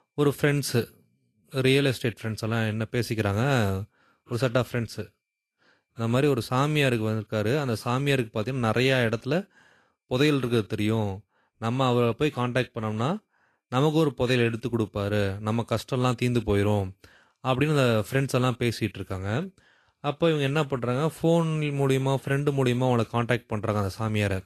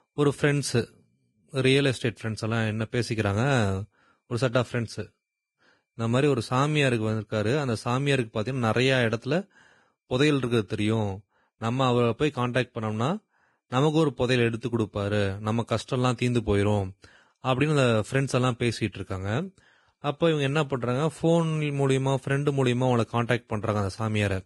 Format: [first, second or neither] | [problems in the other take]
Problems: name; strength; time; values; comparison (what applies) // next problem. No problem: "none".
first | garbled, watery; badly; nothing above 10.5 kHz; slightly in the first